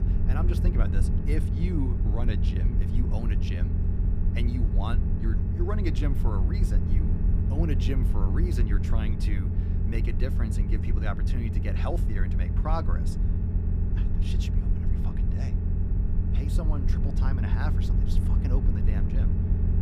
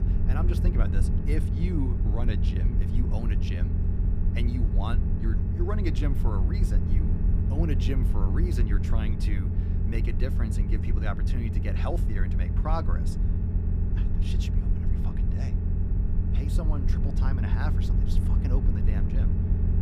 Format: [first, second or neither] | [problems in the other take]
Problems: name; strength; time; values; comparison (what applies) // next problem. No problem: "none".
neither | low rumble; loud; throughout; 2 dB below the speech; the same in both